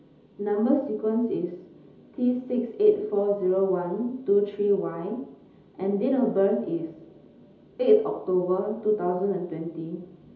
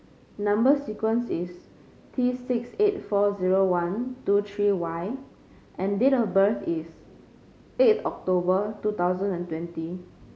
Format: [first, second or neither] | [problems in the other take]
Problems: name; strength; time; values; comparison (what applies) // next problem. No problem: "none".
second | room echo; dies away in 1.2 s